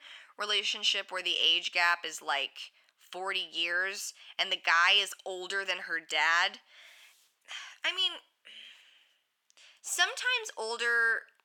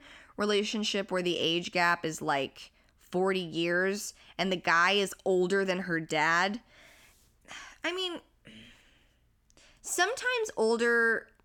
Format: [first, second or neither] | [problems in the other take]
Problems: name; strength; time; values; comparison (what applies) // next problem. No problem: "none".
second | thin; very; fading below 800 Hz